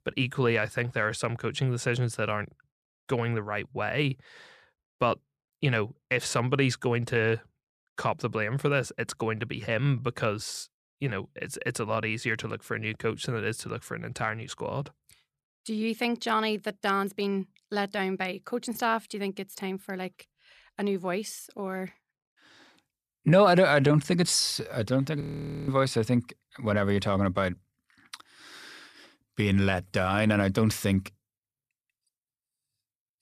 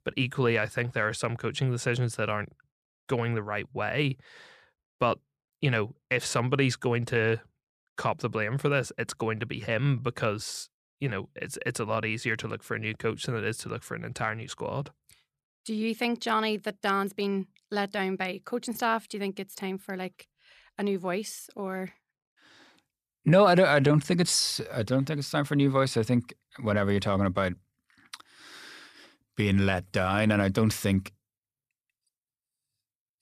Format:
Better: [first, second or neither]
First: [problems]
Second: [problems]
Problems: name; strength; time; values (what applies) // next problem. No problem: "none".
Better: second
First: audio freezing; at 25 s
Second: none